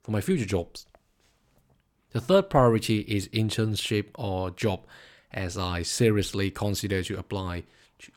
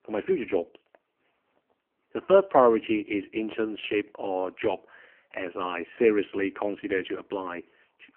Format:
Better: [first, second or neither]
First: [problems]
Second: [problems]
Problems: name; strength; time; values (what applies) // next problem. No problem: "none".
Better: first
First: none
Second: phone-call audio; poor line; nothing above 3 kHz